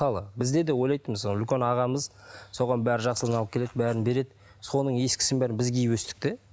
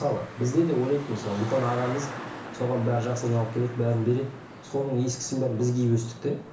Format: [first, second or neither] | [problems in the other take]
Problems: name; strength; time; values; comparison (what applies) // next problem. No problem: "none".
first | background sound (Traffic noise, roadway noise); 13 dB below the speech // room echo; dies away in 0.7 s